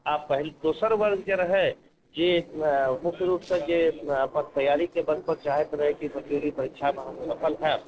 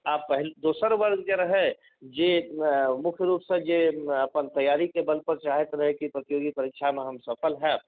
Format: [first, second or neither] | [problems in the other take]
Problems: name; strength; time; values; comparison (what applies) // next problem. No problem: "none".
second | noise reduction (neural separator model SepFormer DNS4)